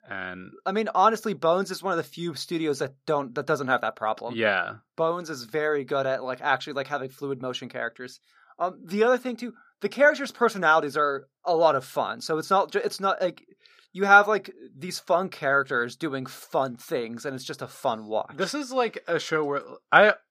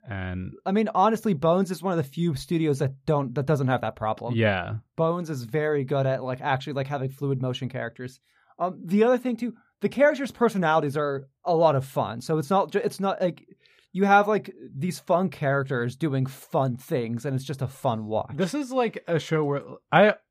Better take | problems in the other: second | thin; somewhat; fading below 300 Hz

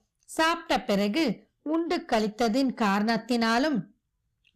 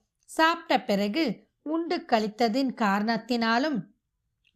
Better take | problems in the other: second | distortion; slight; 7% of the sound clipped

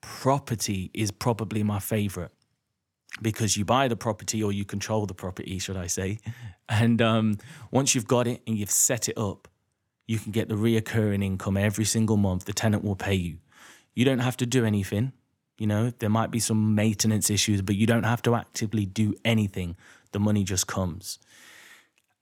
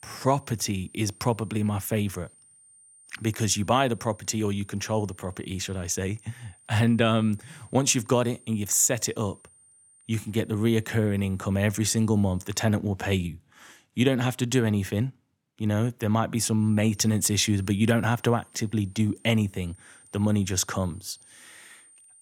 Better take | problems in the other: first | high-pitched whine; faint; until 13 s and from 17 s on; 9 kHz, 25 dB below the speech

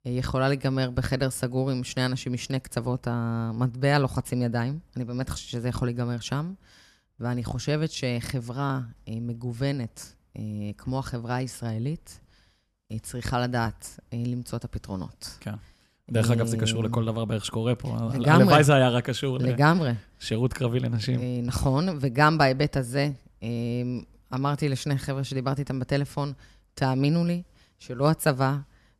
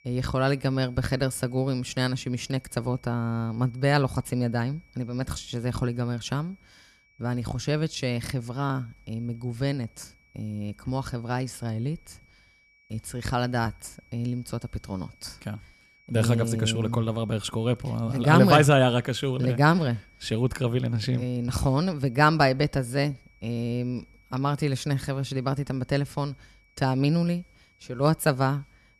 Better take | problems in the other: first | high-pitched whine; faint; throughout; 2.5 kHz, 35 dB below the speech

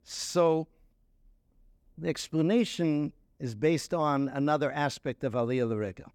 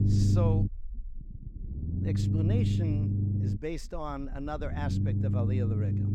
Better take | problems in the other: first | low rumble; loud; throughout; 1 dB below the speech

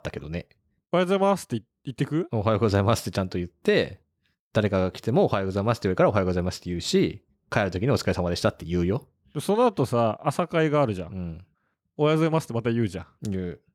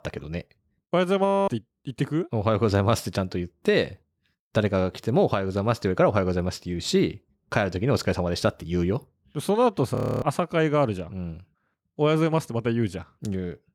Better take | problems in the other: first | audio freezing; at 1.5 s and at 10 s

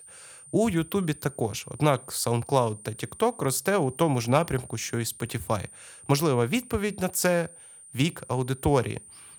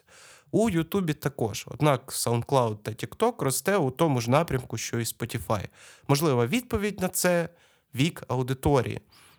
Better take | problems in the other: second | high-pitched whine; noticeable; throughout; 9 kHz, 20 dB below the speech

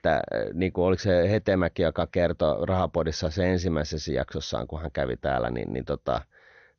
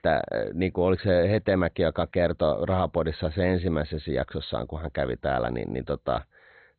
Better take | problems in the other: first | garbled, watery; badly; nothing above 4 kHz; slightly in the first

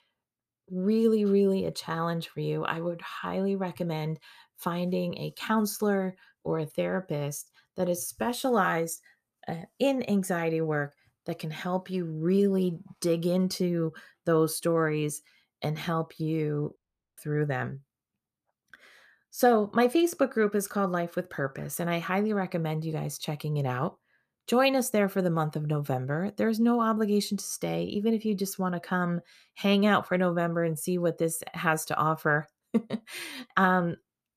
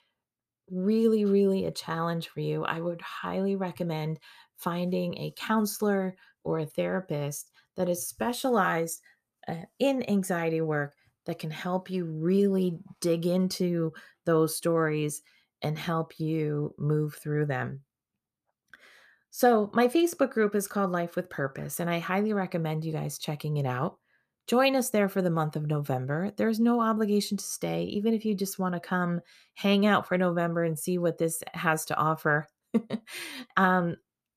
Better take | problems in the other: second | audio cutting out; at 17 s

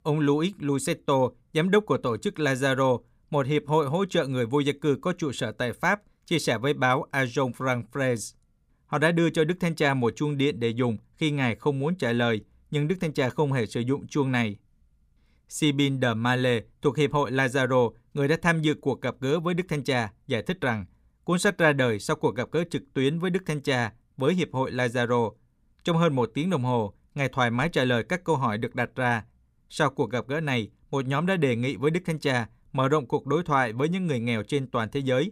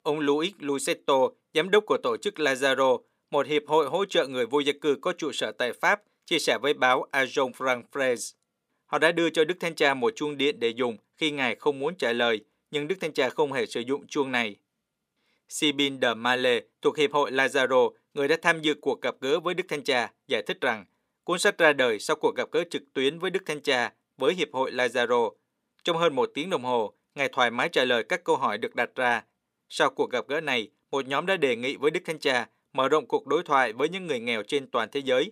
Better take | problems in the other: first | thin; somewhat; fading below 400 Hz

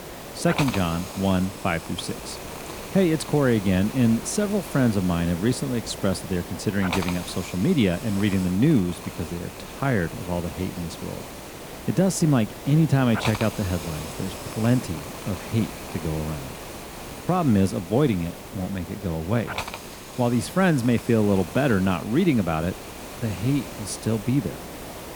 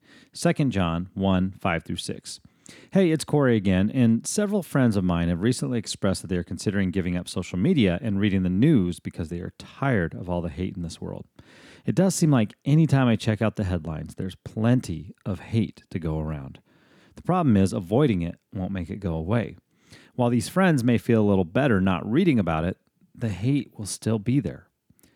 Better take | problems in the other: second | hiss; noticeable; throughout; 10 dB below the speech

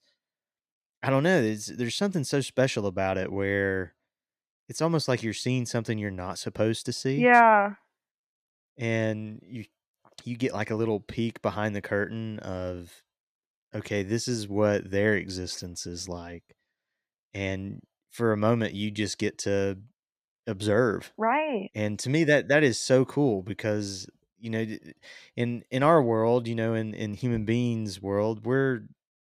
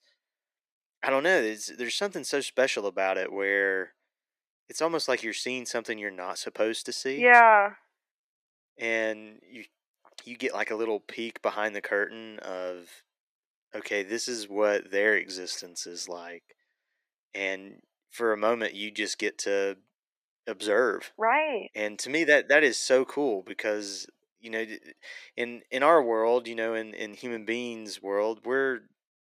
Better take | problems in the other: first | thin; somewhat; fading below 350 Hz

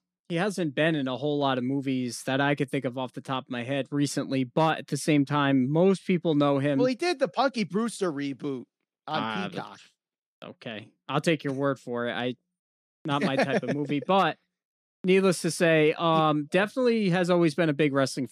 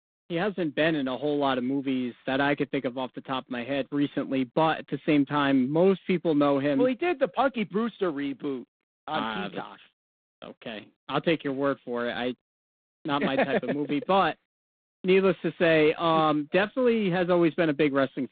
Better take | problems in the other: first | phone-call audio; poor line; nothing above 4 kHz

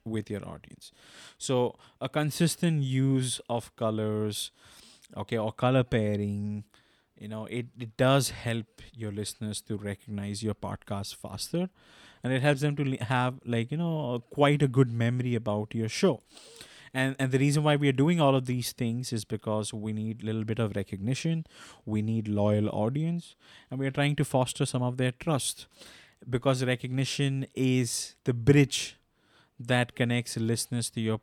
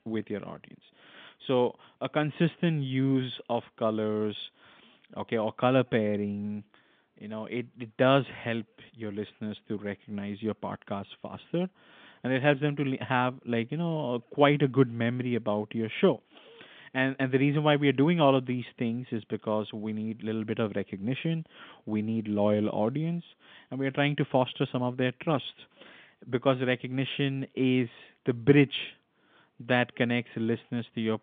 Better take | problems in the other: first | phone-call audio; nothing above 3.5 kHz

